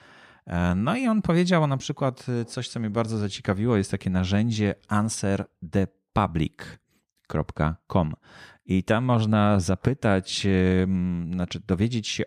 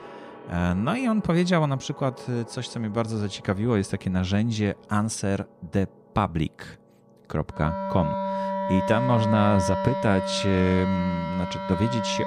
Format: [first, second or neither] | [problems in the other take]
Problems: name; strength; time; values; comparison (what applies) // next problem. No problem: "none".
first | background music; loud; throughout; 4 dB below the speech